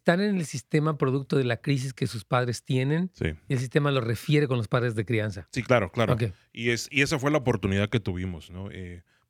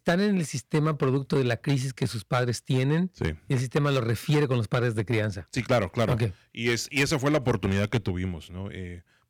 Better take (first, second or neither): first